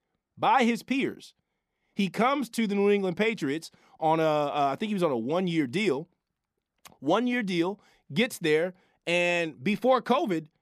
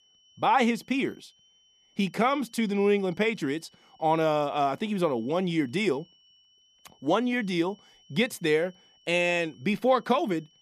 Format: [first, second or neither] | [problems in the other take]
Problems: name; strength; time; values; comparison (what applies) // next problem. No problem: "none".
first | high-pitched whine; faint; throughout; 3 kHz, 30 dB below the speech